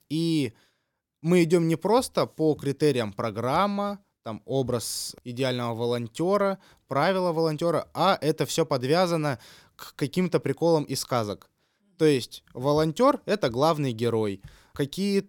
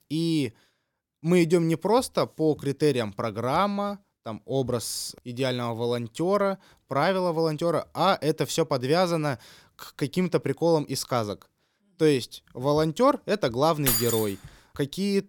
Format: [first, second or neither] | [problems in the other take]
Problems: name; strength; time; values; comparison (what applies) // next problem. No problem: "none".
first | jangling keys; loud; at 14 s; peak 2 dB above the speech